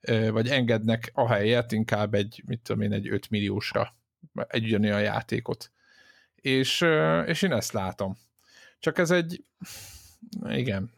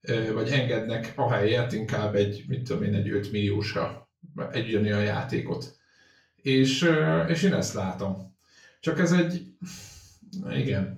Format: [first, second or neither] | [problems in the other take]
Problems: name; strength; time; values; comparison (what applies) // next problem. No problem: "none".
first | room echo; slight; dies away in 0.3 s // off-mic speech; far